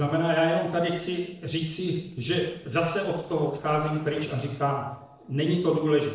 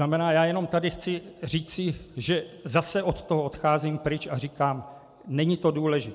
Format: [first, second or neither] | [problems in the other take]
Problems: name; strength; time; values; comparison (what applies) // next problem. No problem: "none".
second | noise reduction (neural separator model SepFormer DNS4)